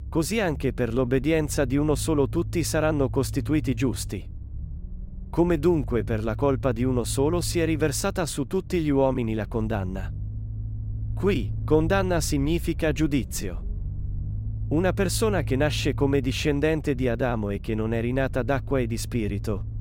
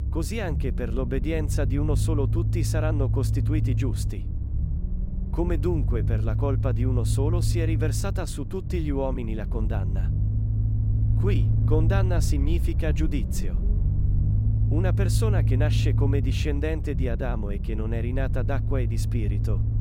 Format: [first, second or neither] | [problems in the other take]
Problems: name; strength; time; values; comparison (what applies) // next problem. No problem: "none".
first | low rumble; loud; throughout; 7 dB below the speech; faint in the first